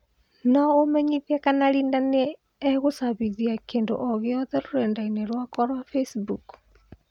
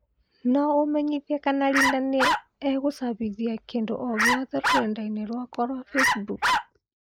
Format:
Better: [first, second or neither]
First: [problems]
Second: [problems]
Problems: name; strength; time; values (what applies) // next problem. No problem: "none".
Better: first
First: none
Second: noise reduction (neural mask model Resemble Enhance denoiser)